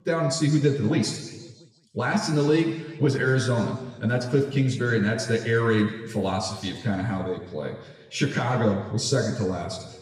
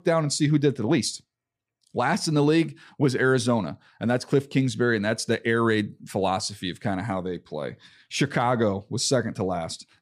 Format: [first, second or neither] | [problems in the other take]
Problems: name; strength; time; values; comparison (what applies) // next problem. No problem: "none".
second | room echo; noticeable; dies away in 1.2 s // off-mic speech; far